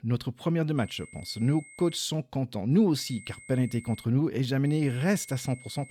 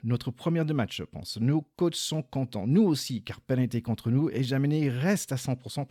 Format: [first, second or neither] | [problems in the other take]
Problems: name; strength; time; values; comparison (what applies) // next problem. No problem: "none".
second | high-pitched whine; faint; from 1 to 2 s, from 3 to 4 s and from 4.5 s on; 2 kHz, 20 dB below the speech